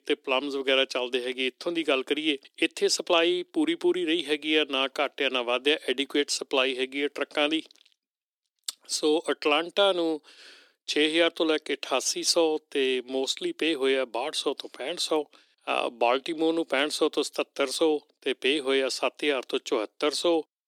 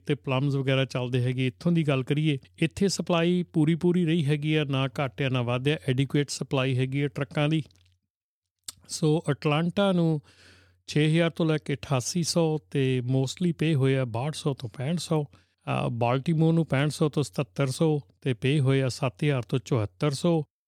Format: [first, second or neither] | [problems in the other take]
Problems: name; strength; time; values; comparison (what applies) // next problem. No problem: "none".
second | thin; very; fading below 300 Hz